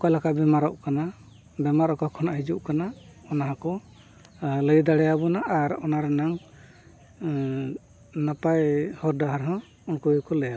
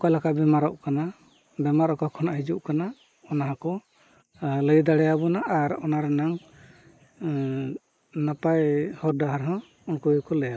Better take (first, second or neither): first